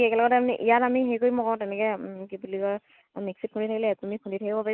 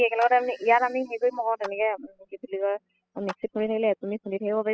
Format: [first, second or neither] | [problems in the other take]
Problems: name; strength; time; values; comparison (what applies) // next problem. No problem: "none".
first | noise reduction (classical method spectral subtraction)